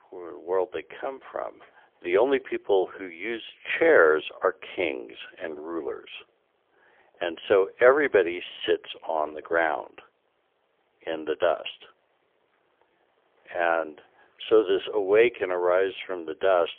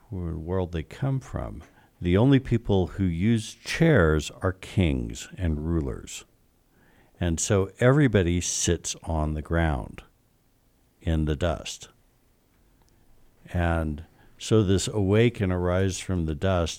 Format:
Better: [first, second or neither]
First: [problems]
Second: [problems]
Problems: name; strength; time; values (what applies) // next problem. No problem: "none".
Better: second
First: phone-call audio; poor line; nothing above 3.5 kHz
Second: none